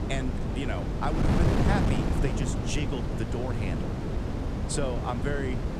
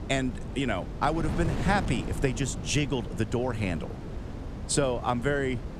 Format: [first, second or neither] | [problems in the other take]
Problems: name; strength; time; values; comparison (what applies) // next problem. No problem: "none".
second | wind noise on the microphone; heavy; as loud as the speech; occasional gusts in the second